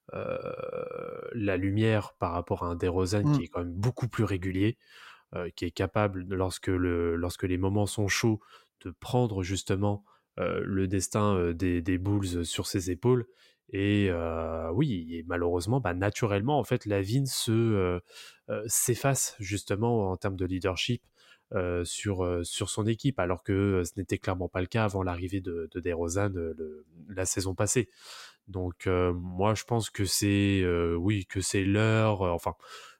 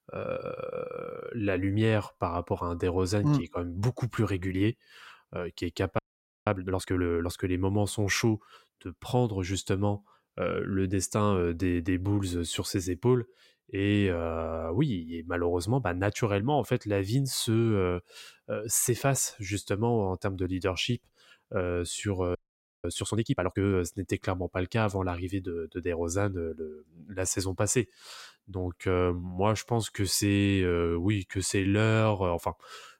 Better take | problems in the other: first | audio freezing; at 6 s and at 22 s

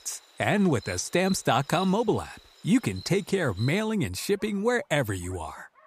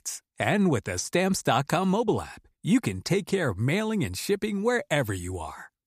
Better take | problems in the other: second | animal sounds; noticeable; throughout; 20 dB below the speech

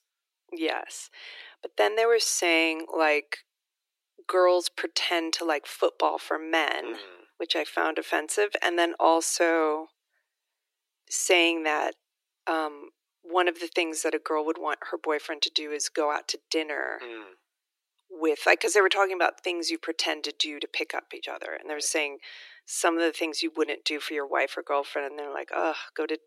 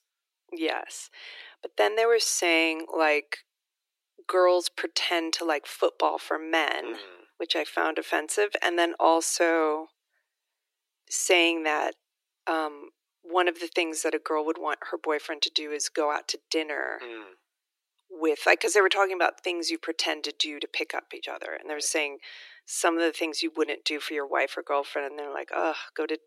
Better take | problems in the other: neither | thin; very; fading below 350 Hz; the same in both

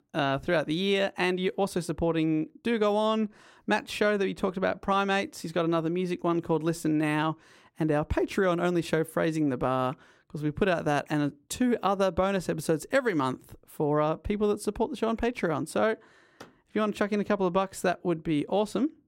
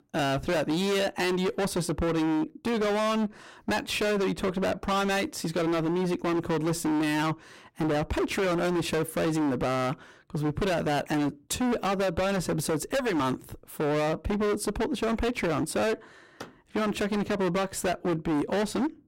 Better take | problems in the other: first | distortion; heavy; 29% of the sound clipped

